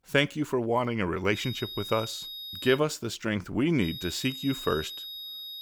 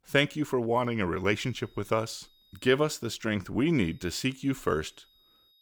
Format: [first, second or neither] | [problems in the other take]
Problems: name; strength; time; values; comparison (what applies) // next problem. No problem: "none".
second | high-pitched whine; loud; from 1.5 to 3 s and from 4 s on; 4 kHz, 9 dB below the speech; faint in the second